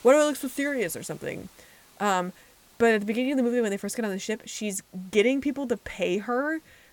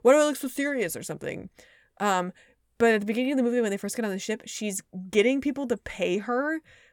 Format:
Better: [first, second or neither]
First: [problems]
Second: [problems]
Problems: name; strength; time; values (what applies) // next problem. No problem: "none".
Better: second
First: hiss; faint; throughout; 25 dB below the speech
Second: none